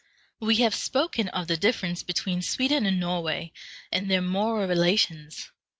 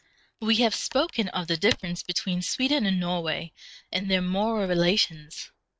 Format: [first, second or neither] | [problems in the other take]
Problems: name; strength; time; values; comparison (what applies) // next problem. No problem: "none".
first | noise reduction (neural mask model RNNoise)